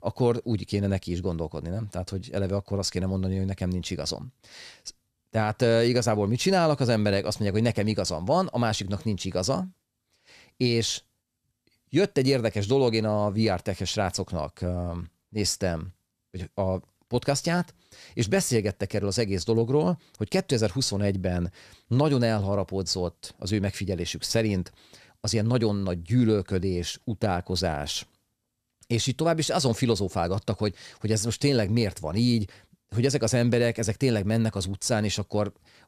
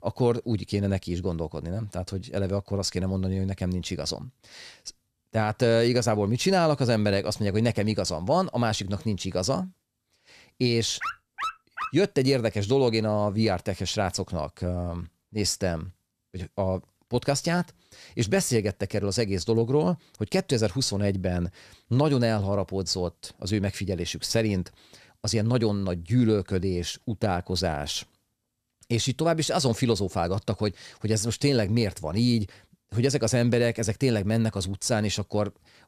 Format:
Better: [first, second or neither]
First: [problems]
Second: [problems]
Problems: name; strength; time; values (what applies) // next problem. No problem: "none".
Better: first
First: none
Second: dog barking; noticeable; at 11 s; peak 7 dB below the speech